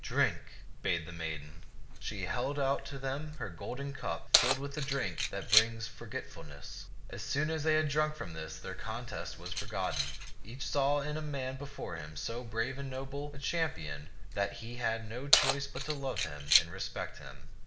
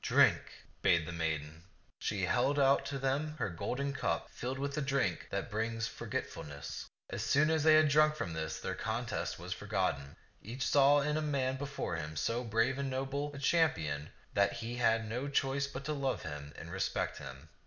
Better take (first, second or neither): second